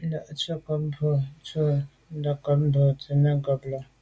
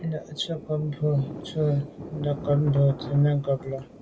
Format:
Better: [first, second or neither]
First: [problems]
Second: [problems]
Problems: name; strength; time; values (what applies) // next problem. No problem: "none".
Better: first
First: none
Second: background sound (Thunder); 13 dB below the speech